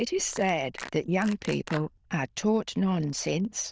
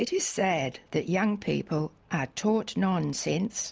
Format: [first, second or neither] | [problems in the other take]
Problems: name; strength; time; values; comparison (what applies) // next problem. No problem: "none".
second | noise reduction (neural diffusion model UNIVERSE++)